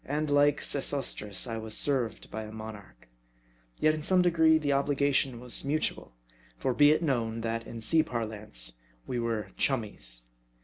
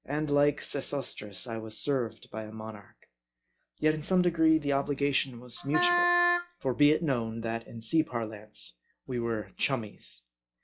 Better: first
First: none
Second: noise reduction (classical method log-MMSE)

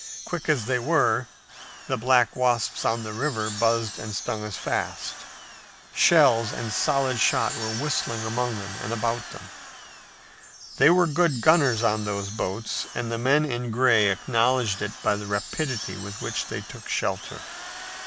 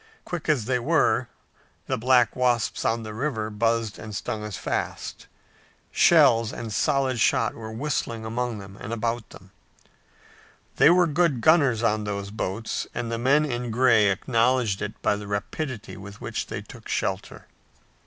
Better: second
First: background sound (Drill + Wind chime); 12 dB below the speech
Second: none

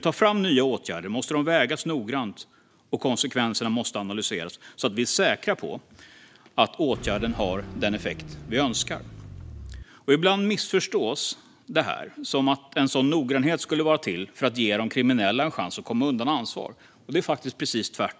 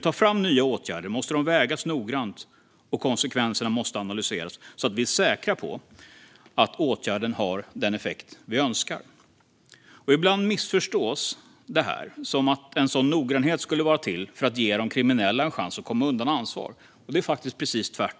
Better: second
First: background sound (Car); 12 dB below the speech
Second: none

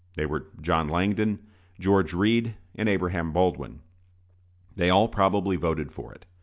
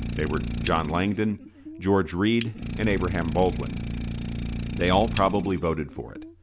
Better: first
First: none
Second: background sound (Idling); 6 dB below the speech

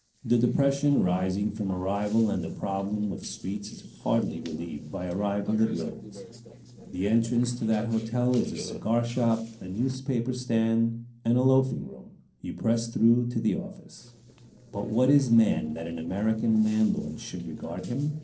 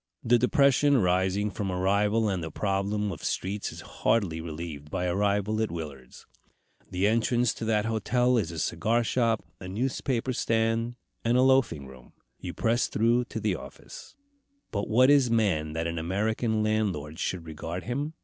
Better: second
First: noise reduction (neural separator model SepFormer DNS4)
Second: none

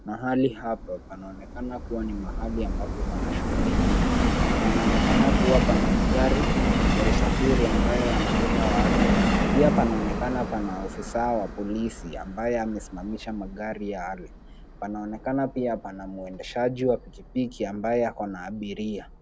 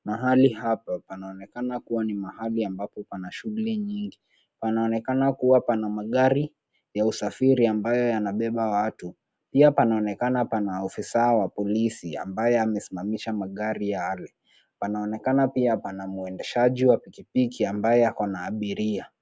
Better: second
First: background sound (Subway, metro, underground); 3 dB above the speech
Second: none

